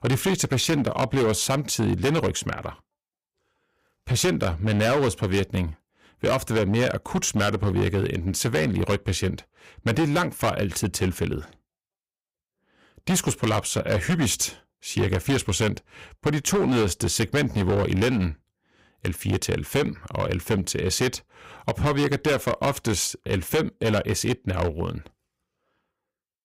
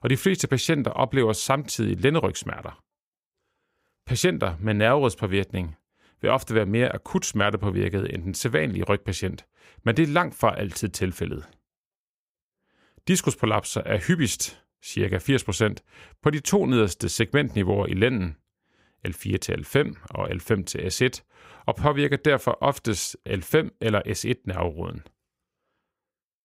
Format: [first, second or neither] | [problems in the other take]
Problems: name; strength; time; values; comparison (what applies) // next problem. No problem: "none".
second | distortion; heavy; 11% of the sound clipped